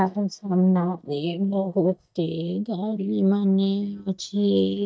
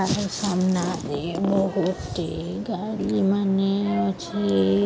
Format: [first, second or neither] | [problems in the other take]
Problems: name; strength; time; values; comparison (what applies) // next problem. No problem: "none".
second | noise reduction (neural mask model DeepFilterNet 3)